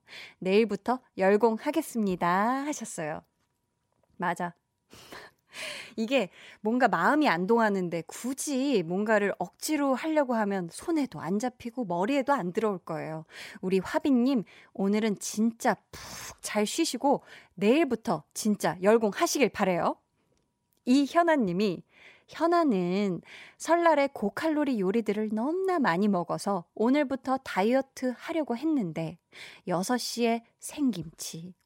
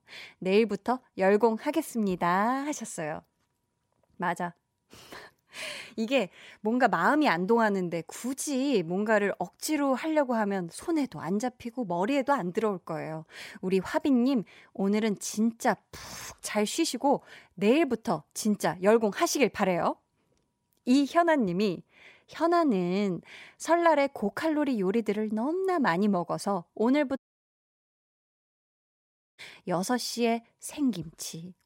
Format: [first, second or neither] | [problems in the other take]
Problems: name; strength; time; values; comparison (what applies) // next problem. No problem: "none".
first | audio cutting out; at 27 s for 2 s